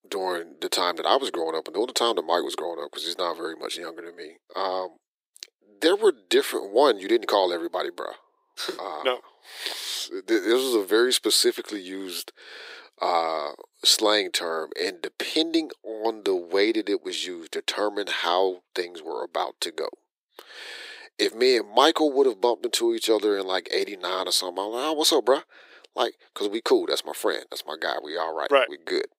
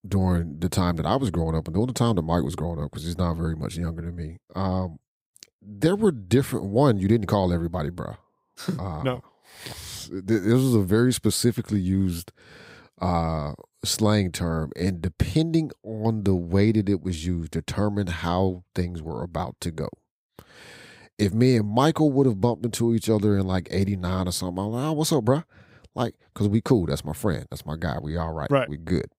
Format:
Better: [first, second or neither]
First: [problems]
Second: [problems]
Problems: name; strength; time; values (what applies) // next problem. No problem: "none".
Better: second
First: thin; very; fading below 350 Hz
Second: none